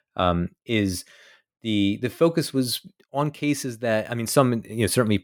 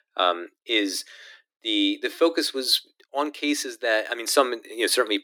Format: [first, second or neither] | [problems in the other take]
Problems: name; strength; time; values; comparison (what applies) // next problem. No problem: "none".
first | thin; somewhat; fading below 300 Hz